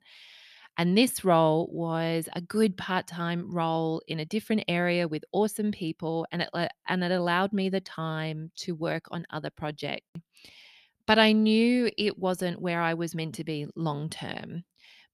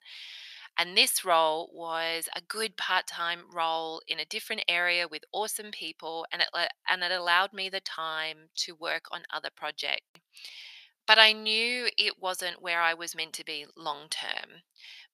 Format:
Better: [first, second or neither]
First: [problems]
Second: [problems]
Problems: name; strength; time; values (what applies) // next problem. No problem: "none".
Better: first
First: none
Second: thin; very; fading below 950 Hz